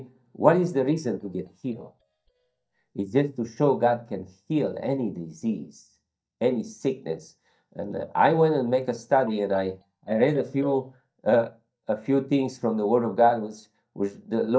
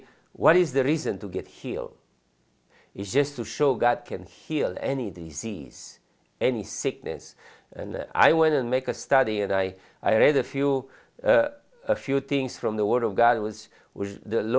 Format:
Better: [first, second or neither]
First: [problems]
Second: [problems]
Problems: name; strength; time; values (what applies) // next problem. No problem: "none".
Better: second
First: noise reduction (neural mask model DeepFilterNet 3)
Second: none